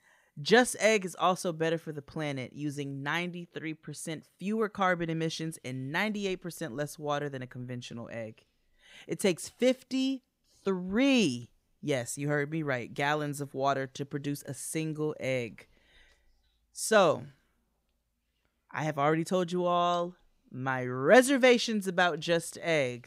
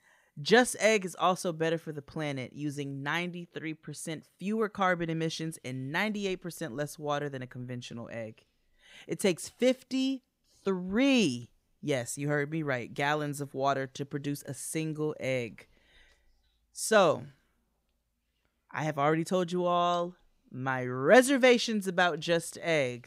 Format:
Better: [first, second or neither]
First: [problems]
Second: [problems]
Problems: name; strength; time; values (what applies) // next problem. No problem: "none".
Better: neither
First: none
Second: none